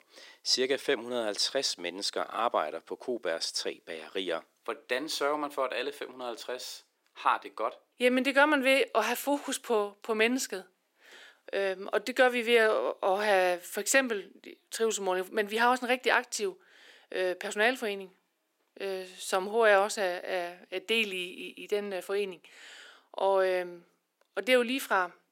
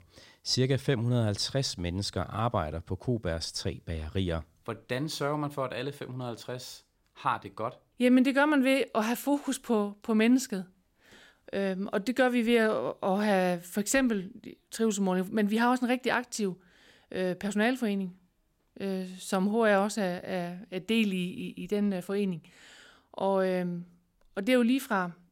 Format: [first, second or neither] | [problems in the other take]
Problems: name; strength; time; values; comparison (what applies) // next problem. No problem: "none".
second | thin; somewhat; fading below 350 Hz